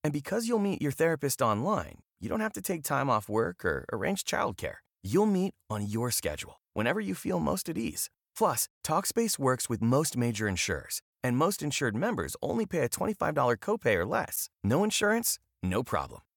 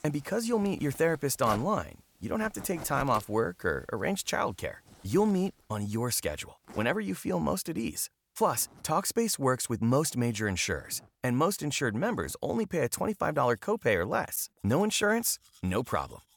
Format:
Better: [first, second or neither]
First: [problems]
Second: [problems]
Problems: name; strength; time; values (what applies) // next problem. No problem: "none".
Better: first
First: none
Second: household noises; noticeable; throughout; 20 dB below the speech